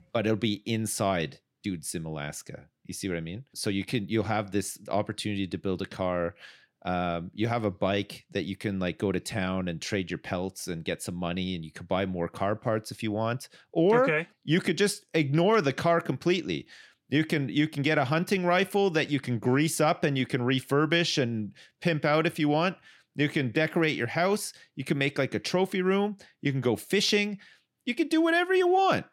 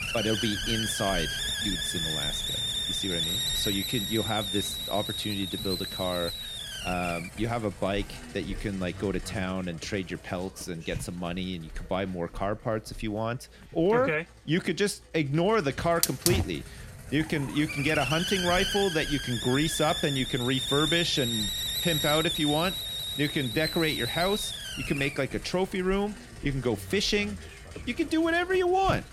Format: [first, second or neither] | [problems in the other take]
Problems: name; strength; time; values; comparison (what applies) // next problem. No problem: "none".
first | hiss; loud; throughout; 1 dB below the speech